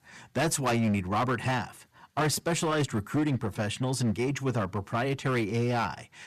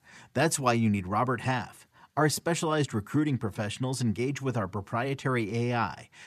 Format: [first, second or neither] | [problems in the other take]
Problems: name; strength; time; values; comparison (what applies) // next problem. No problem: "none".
second | distortion; slight; 11% of the sound clipped